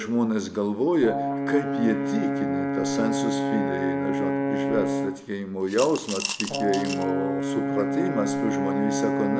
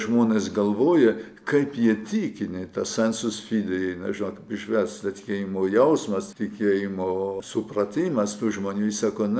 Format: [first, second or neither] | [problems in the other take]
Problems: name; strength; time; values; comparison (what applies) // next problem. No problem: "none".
second | background sound (Coin (dropping) / Glass + Brass instrument); as loud as the speech